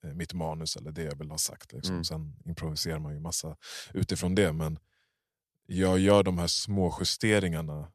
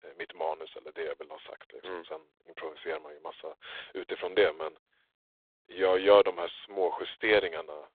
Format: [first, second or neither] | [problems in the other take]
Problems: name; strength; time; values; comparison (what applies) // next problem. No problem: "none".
first | phone-call audio; poor line